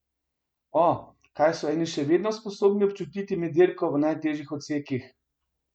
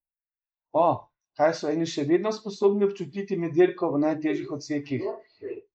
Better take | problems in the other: first | noise reduction (neural mask model Resemble Enhance denoiser)

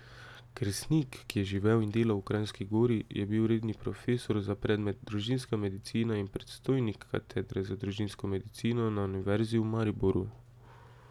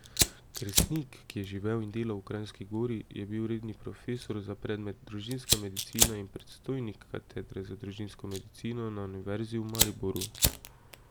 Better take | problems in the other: first | background sound (Fire); 1 dB above the speech

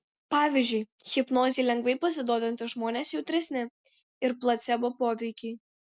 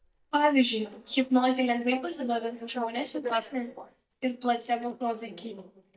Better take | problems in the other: first | noise reduction (neural mask model DeepFilterNet 3)

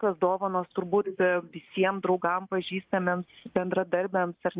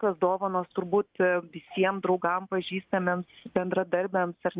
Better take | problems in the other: second | noise reduction (neural mask model Resemble Enhance denoiser)

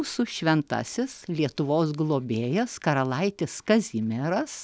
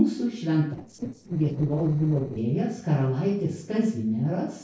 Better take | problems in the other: first | noise reduction (neural separator model SepFormer DNS4)

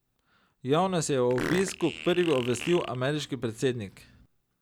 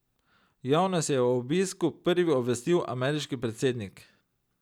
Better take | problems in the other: second | background sound (Fart); 11 dB below the speech

